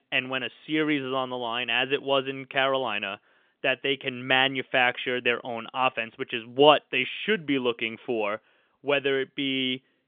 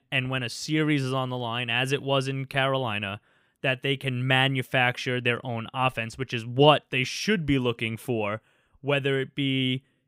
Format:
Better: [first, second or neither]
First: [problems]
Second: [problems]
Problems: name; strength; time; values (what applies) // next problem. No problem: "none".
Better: second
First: phone-call audio; nothing above 3.5 kHz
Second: none